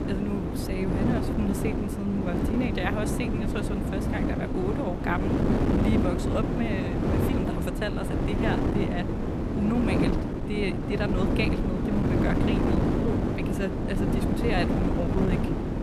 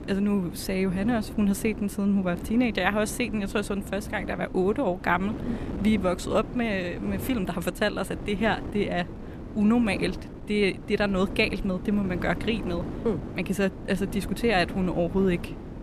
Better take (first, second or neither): second